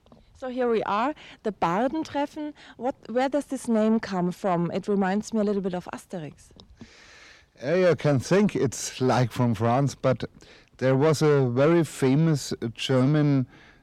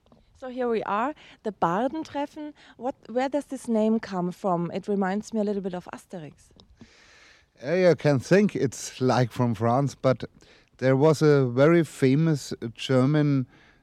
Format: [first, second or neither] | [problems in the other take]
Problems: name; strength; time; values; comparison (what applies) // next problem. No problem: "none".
second | distortion; slight; 10 dB below the speech